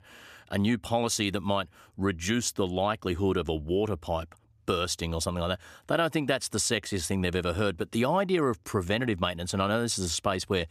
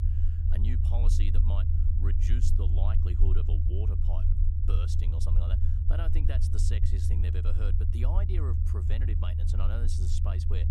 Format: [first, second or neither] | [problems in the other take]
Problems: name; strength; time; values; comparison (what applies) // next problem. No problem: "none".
first | low rumble; loud; throughout; as loud as the speech